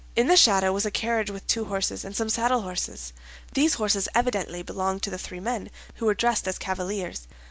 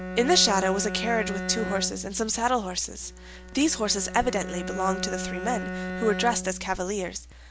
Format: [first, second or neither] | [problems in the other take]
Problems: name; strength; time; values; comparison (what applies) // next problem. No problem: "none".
first | background sound (Bowed string instrument); 8 dB below the speech